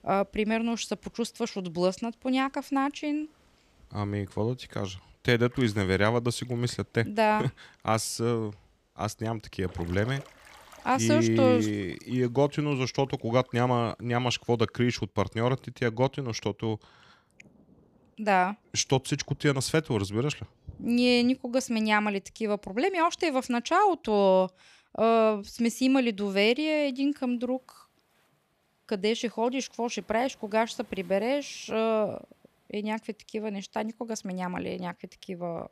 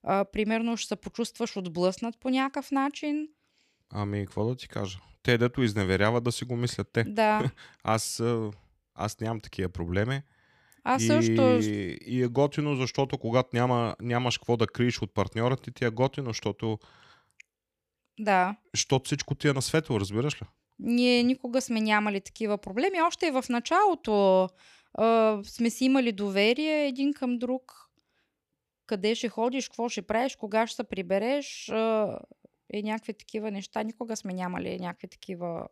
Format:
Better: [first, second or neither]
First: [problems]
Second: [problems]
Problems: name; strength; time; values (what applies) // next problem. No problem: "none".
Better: second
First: rain or running water; faint; throughout; 30 dB below the speech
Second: none